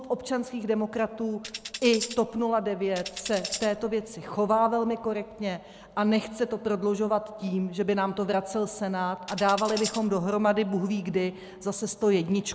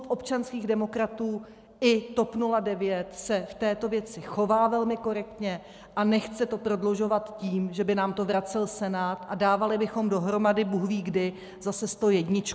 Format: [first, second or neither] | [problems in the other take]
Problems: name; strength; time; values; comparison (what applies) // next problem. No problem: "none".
second | background sound (Tambourine); 11 dB below the speech